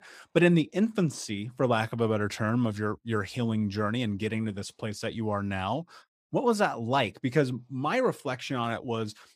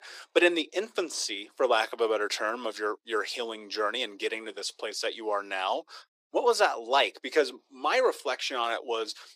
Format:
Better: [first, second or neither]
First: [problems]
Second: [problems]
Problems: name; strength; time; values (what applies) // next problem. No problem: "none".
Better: first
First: none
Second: thin; very; fading below 350 Hz